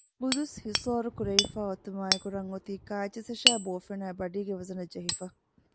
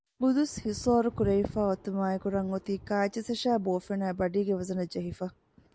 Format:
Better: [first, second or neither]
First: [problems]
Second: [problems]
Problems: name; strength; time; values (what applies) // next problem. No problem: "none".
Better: second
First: background sound (Hammer); 1 dB above the speech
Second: none